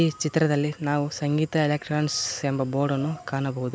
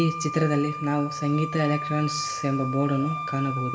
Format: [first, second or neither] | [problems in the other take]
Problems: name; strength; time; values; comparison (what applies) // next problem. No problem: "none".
first | background sound (Wind instrument, woodwind instrument); 7 dB below the speech // room echo; dies away in 0.6 s